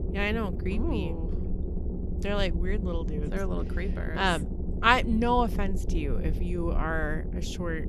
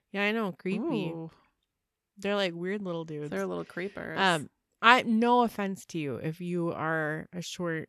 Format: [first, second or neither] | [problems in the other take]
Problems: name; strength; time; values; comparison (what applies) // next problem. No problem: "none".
second | low rumble; noticeable; throughout; 15 dB below the speech